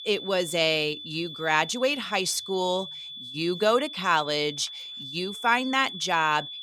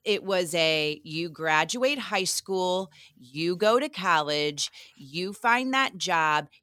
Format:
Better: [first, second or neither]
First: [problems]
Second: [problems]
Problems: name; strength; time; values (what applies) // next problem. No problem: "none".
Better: second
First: high-pitched whine; noticeable; throughout; 3.5 kHz, 10 dB below the speech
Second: none